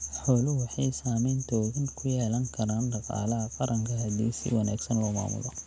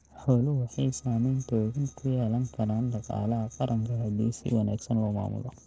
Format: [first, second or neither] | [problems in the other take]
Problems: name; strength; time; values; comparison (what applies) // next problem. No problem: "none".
first | noise reduction (neural separator model SepFormer DNS4)